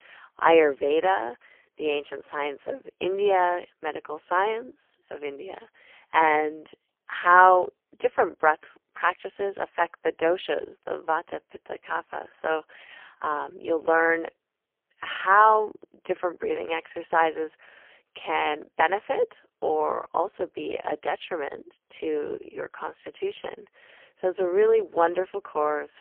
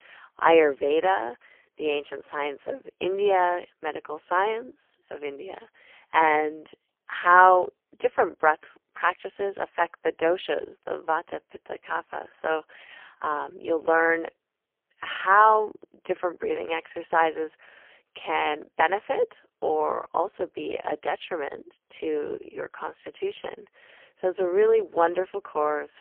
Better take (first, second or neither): neither